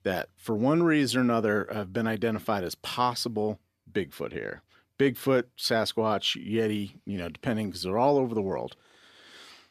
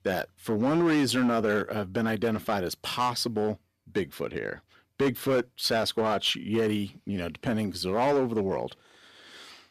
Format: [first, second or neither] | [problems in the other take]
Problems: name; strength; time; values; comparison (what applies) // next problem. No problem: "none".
first | distortion; slight; 6% of the sound clipped